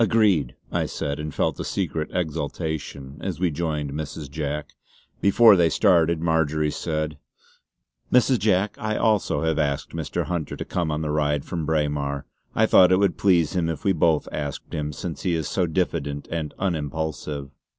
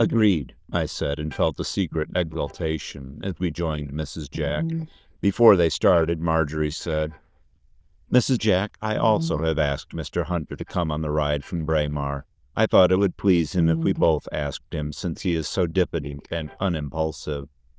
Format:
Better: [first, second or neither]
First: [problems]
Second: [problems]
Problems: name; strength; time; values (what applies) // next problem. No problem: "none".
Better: first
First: none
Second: noise reduction (neural diffusion model UNIVERSE++)